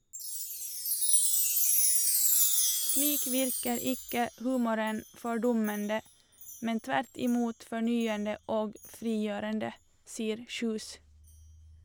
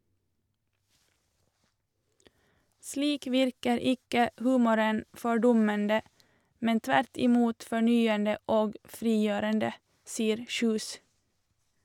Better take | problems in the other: second | background sound (Chime); 1 dB above the speech

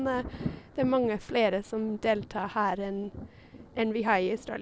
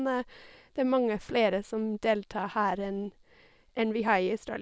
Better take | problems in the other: second | background sound (Thunder); 14 dB below the speech

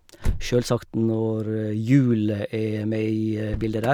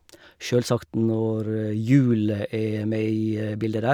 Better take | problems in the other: second | background sound (Motor vehicle (road)); 10 dB below the speech

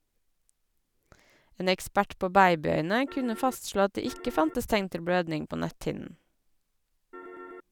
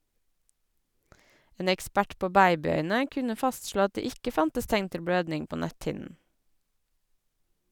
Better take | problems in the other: second | background sound (Piano); 14 dB below the speech

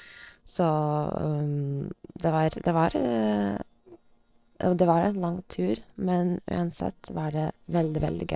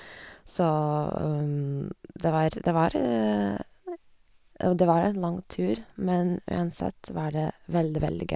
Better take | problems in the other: second | noise reduction (neural separator model SepFormer DNS4)

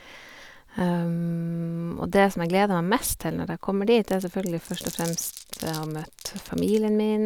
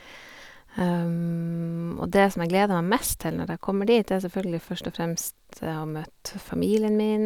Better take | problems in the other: second | background sound (Glass); 17 dB below the speech

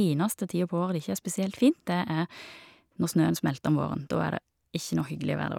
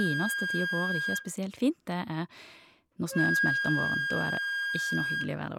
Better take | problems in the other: first | background sound (Wind instrument, woodwind instrument); 1 dB above the speech

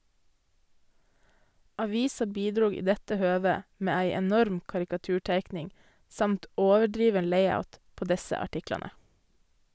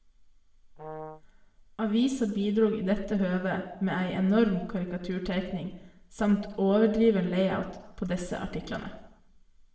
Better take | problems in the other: first | background sound (Brass instrument); 14 dB below the speech // room echo; dies away in 0.7 s

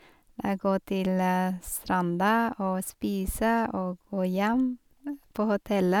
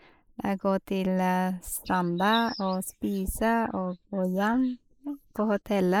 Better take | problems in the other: first | noise reduction (neural mask model Resemble Enhance denoiser)

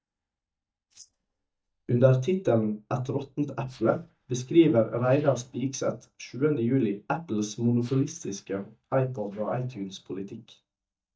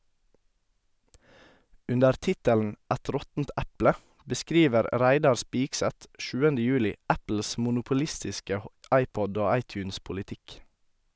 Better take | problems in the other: second | noise reduction (neural mask model DeepFilterNet 3)

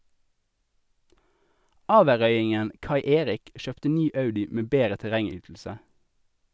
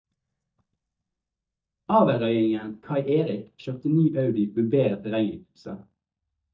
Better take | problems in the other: first | noise reduction (neural mask model DeepFilterNet 3)

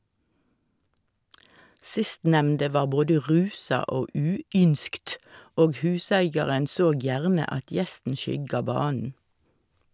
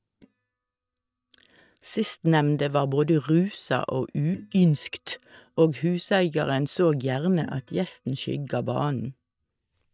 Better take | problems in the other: first | noise reduction (neural mask model DeepFilterNet 3)

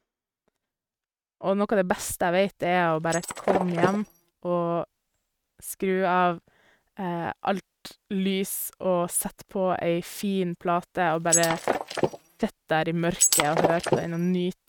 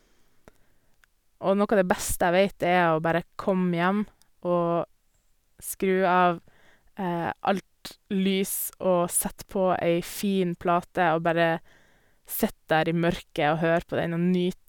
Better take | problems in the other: second | noise reduction (neural mask model RNNoise)

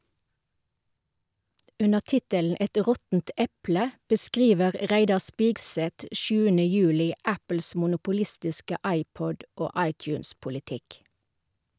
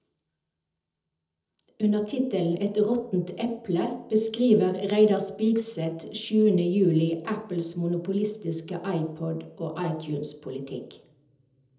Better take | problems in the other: first | room echo; dies away in 0.8 s

